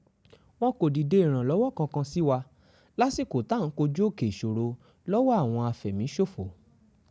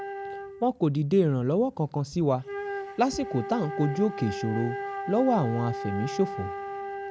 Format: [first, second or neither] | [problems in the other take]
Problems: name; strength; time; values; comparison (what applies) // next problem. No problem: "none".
first | background sound (Wind instrument, woodwind instrument); 9 dB below the speech